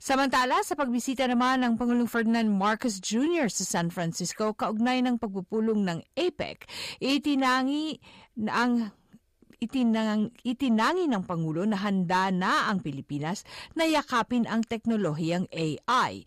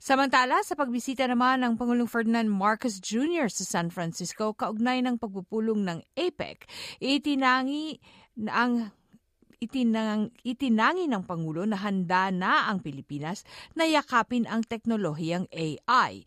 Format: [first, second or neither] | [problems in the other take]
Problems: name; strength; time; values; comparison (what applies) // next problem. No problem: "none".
second | distortion; slight; 10 dB below the speech